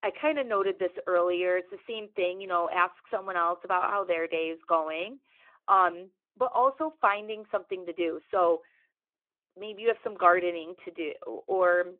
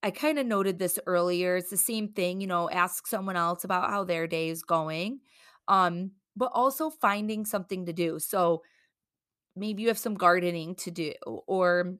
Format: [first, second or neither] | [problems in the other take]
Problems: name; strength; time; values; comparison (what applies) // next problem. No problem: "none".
second | phone-call audio